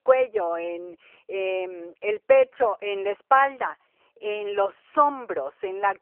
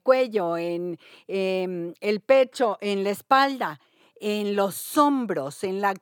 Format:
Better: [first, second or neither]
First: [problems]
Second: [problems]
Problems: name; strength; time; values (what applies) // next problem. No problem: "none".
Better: second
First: phone-call audio; nothing above 3 kHz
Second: none